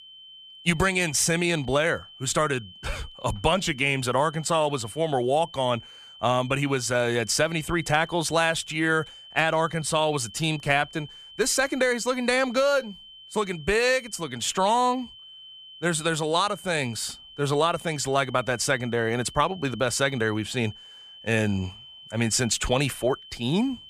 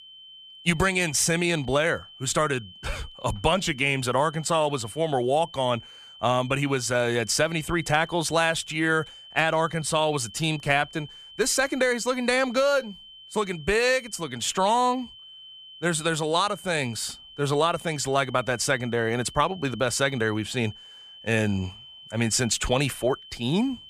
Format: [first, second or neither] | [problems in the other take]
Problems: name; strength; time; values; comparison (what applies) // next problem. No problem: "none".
neither | high-pitched whine; noticeable; throughout; 3 kHz, 20 dB below the speech; the same in both